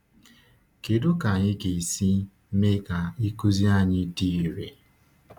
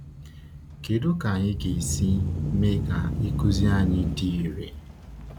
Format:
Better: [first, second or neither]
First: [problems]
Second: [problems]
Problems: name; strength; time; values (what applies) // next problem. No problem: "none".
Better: first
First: none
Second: background sound (Engine starting / Accelerating, revving, vroom / Motor vehicle (road)); 3 dB below the speech